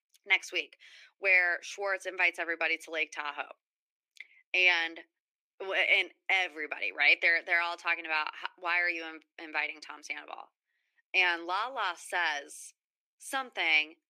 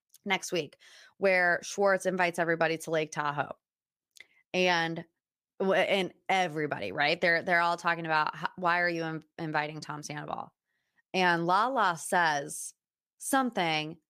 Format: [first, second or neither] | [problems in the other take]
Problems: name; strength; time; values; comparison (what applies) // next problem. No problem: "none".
second | thin; very; fading below 300 Hz